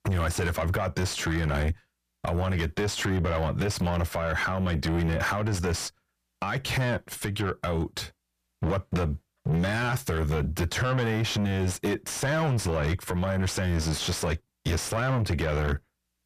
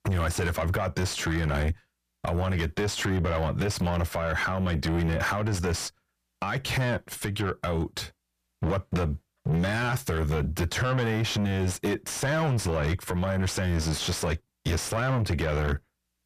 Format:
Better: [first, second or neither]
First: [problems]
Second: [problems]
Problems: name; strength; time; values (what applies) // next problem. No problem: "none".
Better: neither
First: distortion; heavy; 7 dB below the speech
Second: distortion; heavy; 7 dB below the speech